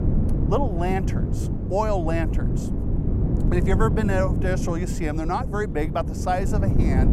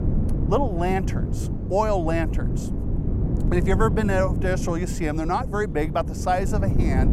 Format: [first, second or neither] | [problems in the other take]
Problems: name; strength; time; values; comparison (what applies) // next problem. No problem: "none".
second | wind noise on the microphone; heavy; 8 dB below the speech; occasional gusts in the second